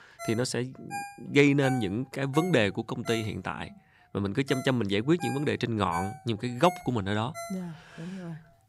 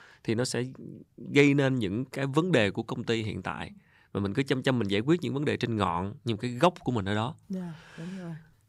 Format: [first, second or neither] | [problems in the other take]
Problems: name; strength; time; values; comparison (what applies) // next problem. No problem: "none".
second | phone ringing; noticeable; until 7.5 s; peak 9 dB below the speech